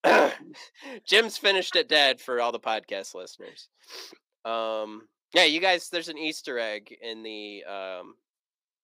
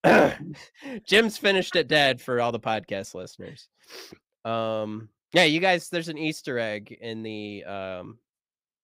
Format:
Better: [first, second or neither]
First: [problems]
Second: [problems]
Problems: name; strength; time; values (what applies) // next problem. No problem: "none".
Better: second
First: thin; somewhat; fading below 300 Hz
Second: none